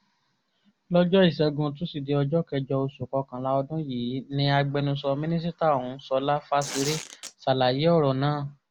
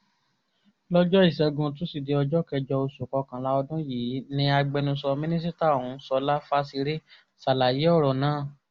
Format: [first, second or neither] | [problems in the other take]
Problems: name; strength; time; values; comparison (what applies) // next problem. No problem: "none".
second | background sound (Tearing); 10 dB below the speech